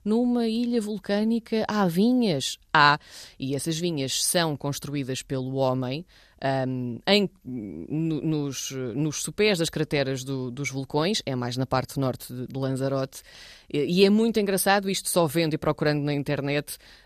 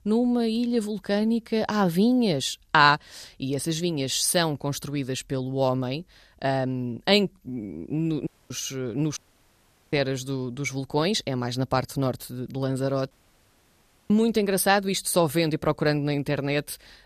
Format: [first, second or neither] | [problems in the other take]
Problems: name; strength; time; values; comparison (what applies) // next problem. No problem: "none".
first | audio cutting out; at 8.5 s, at 9 s for 1 s and at 13 s for 1 s